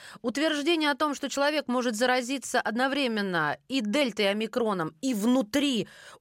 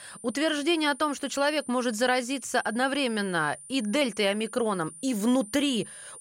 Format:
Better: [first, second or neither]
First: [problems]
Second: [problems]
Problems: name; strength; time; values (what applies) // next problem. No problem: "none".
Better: first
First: none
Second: high-pitched whine; noticeable; throughout; 9 kHz, 15 dB below the speech